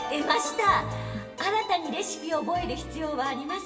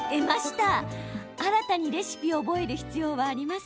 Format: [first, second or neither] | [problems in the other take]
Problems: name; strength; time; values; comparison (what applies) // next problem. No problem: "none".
second | room echo; dies away in 1.2 s